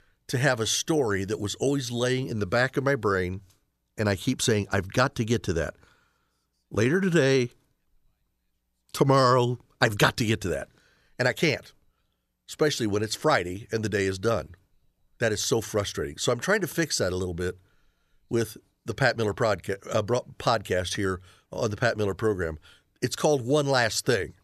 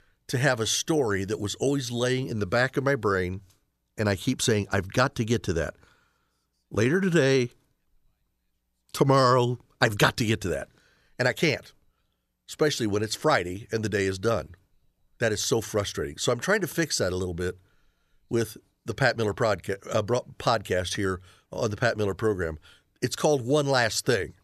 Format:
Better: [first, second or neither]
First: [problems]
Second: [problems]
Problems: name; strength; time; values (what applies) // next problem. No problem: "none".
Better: neither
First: none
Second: none